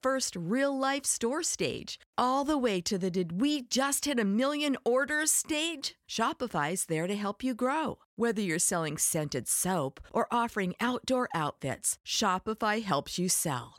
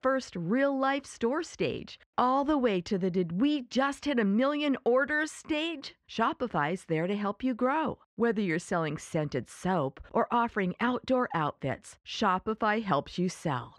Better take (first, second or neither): first